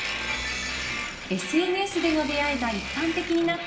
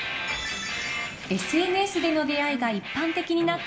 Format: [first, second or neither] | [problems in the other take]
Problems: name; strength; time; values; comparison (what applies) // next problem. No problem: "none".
second | background sound (Domestic sounds, home sounds); 9 dB below the speech // room echo; dies away in 1.1 s